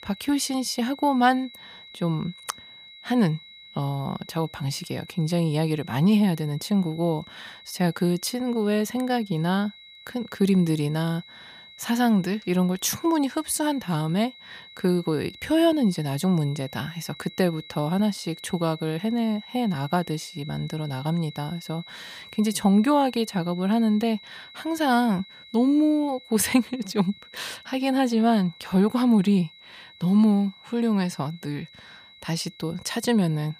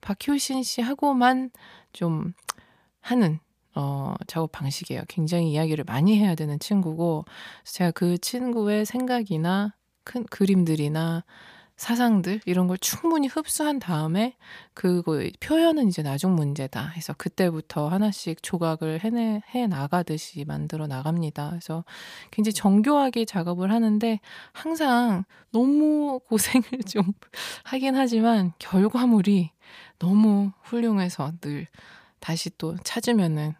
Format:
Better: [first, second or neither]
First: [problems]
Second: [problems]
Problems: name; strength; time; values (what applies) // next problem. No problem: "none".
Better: second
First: high-pitched whine; noticeable; throughout; 4 kHz, 20 dB below the speech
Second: none